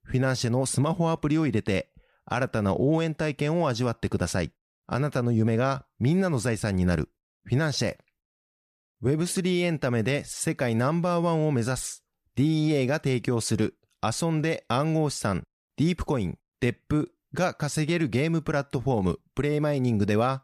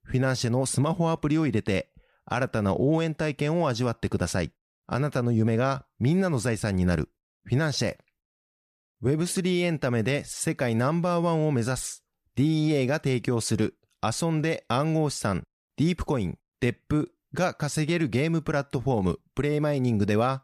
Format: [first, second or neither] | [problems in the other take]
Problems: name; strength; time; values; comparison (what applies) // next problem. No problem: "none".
neither | none